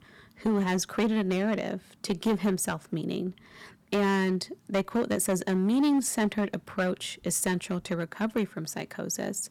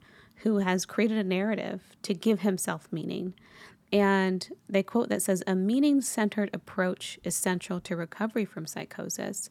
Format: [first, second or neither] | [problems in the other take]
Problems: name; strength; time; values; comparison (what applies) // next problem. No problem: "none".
second | distortion; slight; 7% of the sound clipped